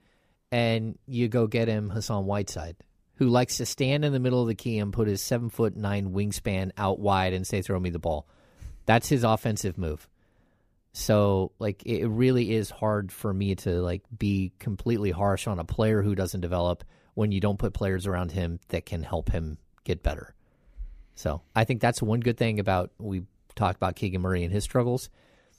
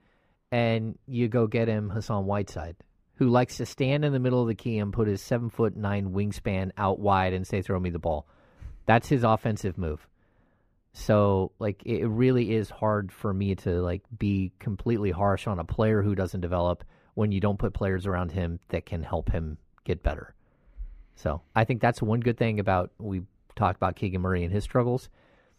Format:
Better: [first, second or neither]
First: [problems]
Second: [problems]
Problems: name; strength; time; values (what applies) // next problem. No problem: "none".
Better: first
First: none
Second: muffled; slightly; fading above 4 kHz